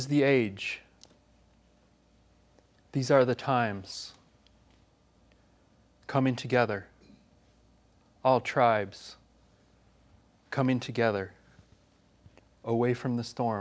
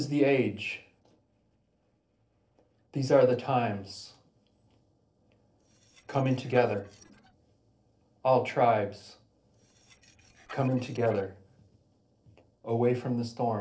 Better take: first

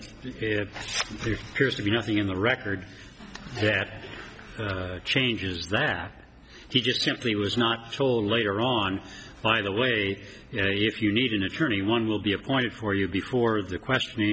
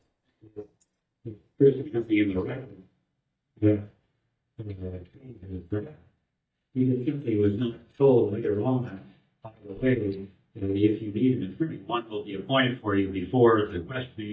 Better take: first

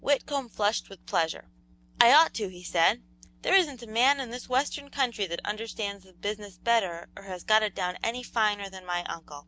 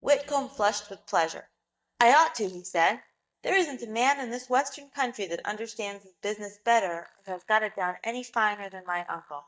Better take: first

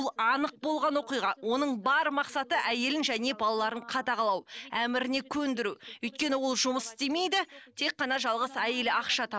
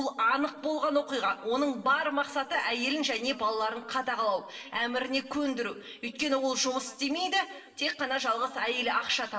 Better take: first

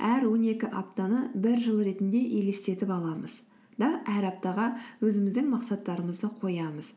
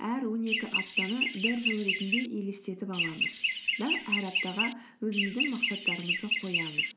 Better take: first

